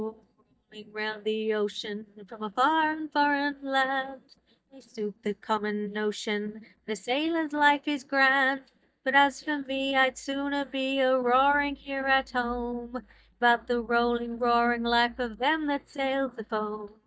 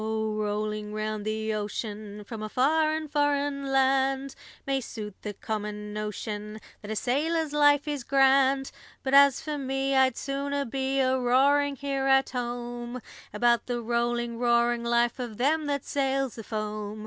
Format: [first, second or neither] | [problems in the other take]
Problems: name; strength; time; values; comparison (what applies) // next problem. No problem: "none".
second | noise reduction (neural mask model DeepFilterNet 3)